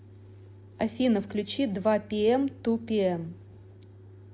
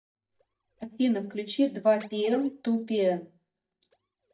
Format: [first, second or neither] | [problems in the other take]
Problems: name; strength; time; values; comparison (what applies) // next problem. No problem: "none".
first | noise reduction (neural mask model DeepFilterNet 3)